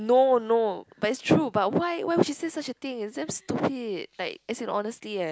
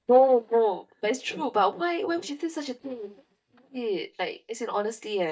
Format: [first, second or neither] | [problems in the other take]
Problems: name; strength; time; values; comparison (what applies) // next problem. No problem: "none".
first | noise reduction (neural mask model DeepFilterNet 3)